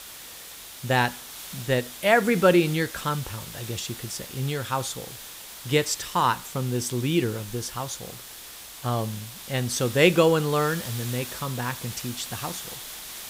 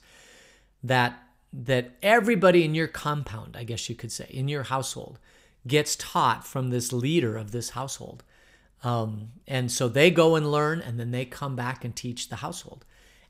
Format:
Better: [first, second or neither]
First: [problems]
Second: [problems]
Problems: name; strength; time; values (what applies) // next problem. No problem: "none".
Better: second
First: hiss; noticeable; throughout; 10 dB below the speech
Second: none